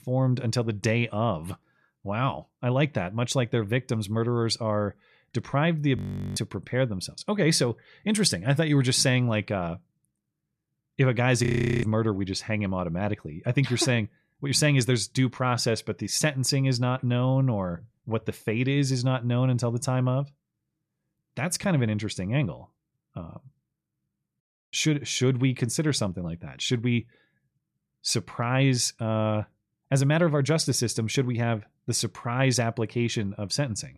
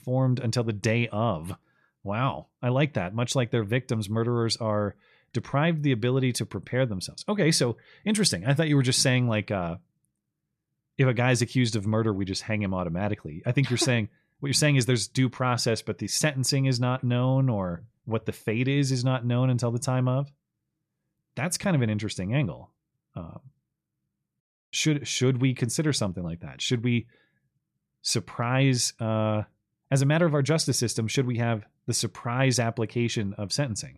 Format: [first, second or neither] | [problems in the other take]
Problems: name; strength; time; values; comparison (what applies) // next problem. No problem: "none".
second | audio freezing; at 6 s and at 11 s